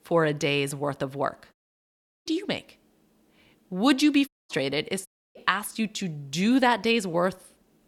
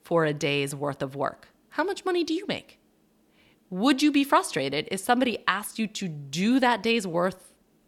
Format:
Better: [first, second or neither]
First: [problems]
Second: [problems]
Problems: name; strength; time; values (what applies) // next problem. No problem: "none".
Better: second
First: audio cutting out; at 1.5 s for 0.5 s, at 4.5 s and at 5 s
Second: none